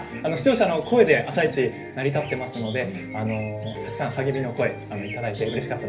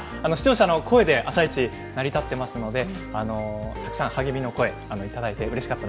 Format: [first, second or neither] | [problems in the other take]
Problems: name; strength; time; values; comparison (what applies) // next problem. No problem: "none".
second | background sound (Bird); 19 dB below the speech // room echo; dies away in 0.3 s